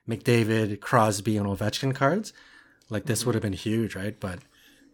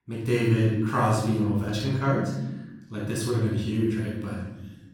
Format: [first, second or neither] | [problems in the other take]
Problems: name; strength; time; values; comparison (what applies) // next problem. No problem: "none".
first | off-mic speech; far // room echo; strong; dies away in 1.3 s